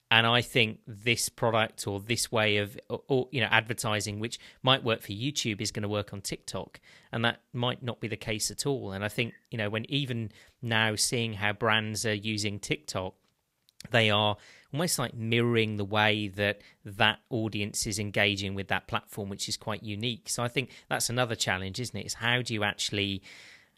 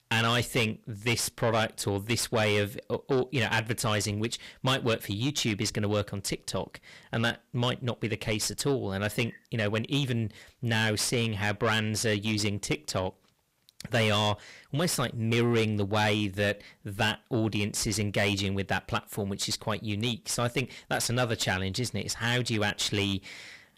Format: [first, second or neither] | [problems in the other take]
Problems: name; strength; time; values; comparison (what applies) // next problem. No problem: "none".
first | distortion; heavy; 6 dB below the speech